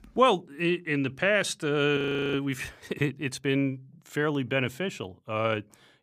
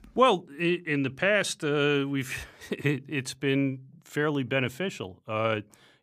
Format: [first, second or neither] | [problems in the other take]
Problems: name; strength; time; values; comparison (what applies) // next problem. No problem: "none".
second | audio freezing; at 2 s